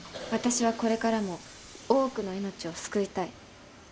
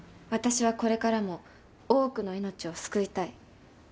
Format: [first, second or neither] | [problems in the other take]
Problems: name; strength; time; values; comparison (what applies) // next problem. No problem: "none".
second | background sound (Cough + Train); 16 dB below the speech